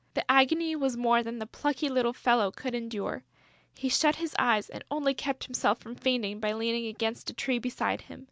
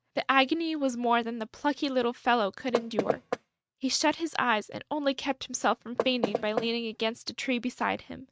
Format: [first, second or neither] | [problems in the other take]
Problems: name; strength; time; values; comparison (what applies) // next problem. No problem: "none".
first | noise reduction (neural mask model RNNoise)